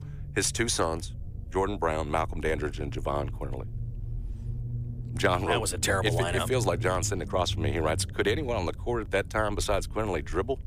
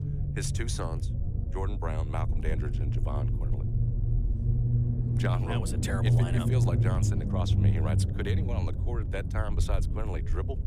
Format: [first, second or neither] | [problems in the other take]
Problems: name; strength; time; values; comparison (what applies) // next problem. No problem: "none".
first | low rumble; loud; throughout; 3 dB below the speech; faint in the first